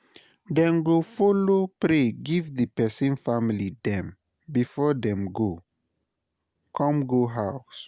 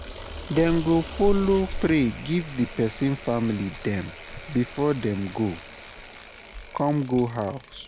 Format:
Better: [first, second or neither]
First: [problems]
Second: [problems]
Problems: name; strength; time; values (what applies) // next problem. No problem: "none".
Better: first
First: none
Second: background sound (Bicycle); 10 dB below the speech